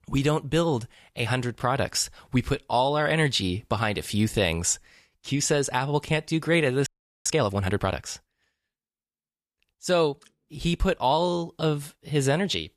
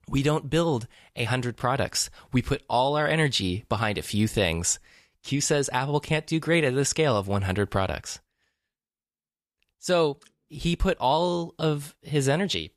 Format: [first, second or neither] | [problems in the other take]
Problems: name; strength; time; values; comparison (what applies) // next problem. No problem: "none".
second | audio freezing; at 7 s